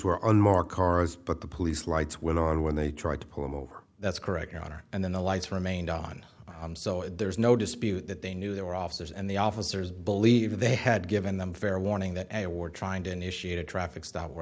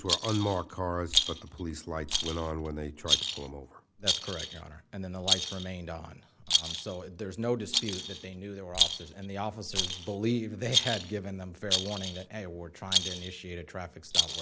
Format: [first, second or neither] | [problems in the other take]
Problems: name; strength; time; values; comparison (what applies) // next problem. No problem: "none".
first | background sound (Rattle); 2 dB above the speech